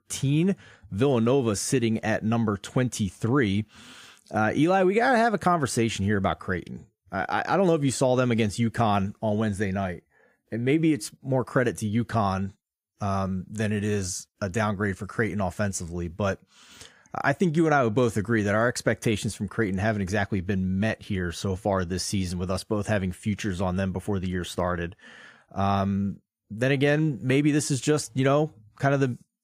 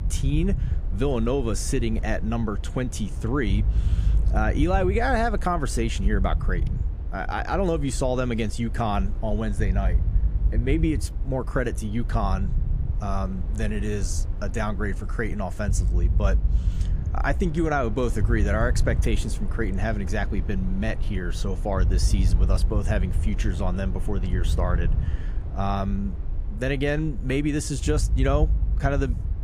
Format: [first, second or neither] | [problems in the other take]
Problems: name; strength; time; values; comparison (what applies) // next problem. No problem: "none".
first | low rumble; noticeable; throughout; 15 dB below the speech